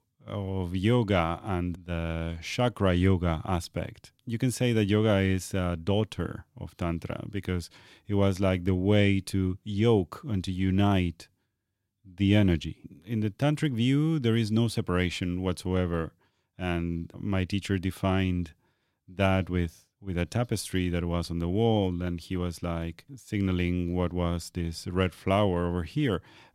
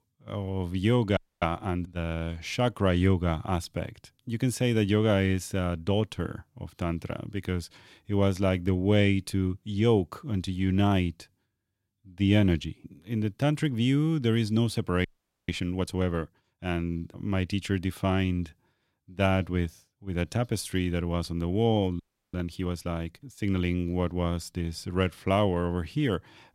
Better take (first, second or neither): first